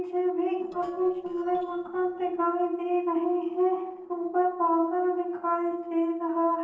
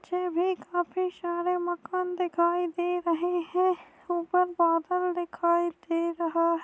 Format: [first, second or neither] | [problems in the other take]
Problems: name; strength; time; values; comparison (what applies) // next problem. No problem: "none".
second | noise reduction (neural separator model SepFormer DNS4)